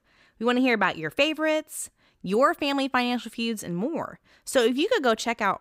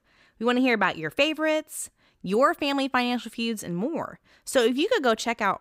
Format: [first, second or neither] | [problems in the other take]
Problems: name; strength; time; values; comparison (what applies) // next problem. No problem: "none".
neither | none